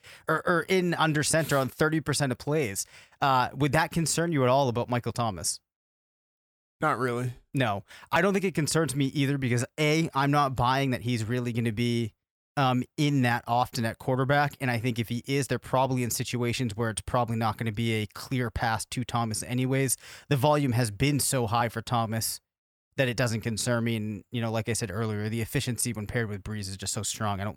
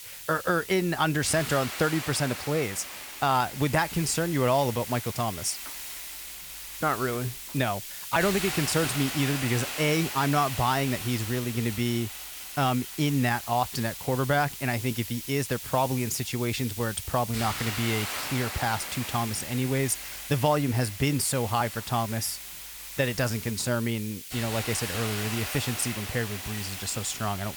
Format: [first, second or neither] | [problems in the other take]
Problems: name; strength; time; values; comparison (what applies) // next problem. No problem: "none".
first | hiss; loud; throughout; 7 dB below the speech